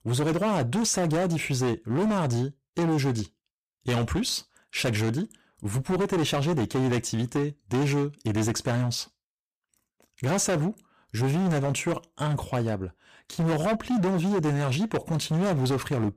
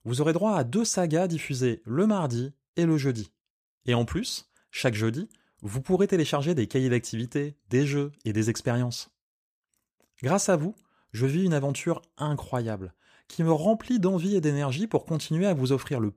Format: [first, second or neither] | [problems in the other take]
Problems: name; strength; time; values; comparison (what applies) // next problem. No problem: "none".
second | distortion; heavy; 21% of the sound clipped